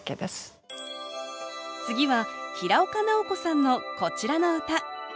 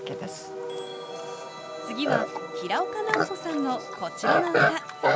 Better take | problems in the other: first | background sound (Livestock, farm animals, working animals); 4 dB above the speech

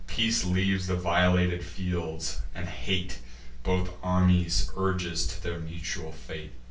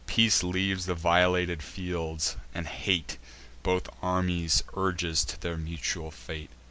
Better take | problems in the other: second | room echo; dies away in 0.4 s

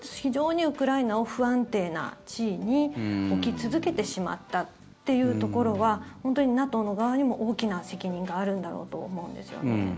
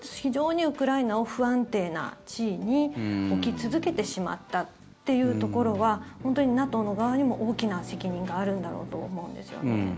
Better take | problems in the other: first | background sound (Engine); 13 dB below the speech

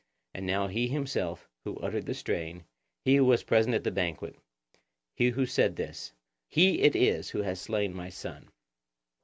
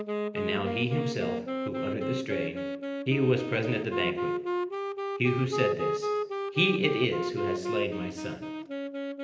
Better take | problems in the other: first | background sound (Wind instrument, woodwind instrument); 1 dB below the speech // room echo; dies away in 0.9 s

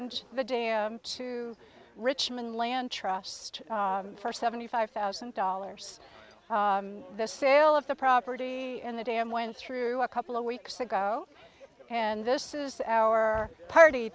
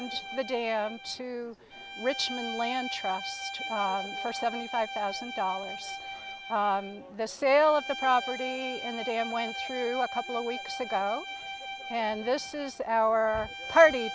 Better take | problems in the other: first | background sound (Bowed string instrument); 9 dB below the speech

